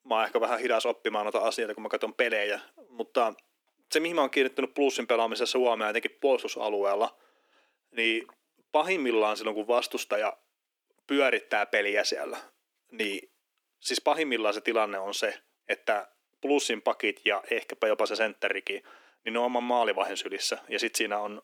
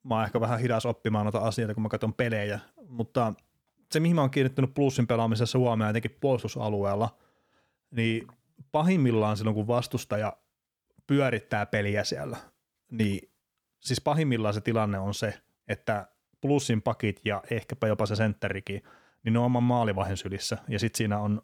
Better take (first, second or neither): second